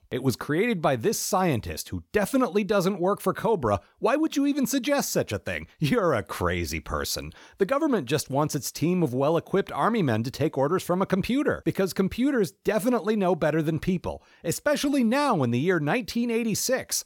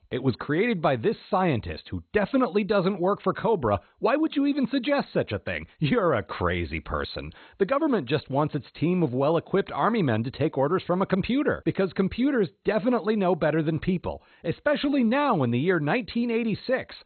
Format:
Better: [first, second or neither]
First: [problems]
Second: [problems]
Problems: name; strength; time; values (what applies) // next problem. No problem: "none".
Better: first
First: none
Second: garbled, watery; badly; nothing above 4 kHz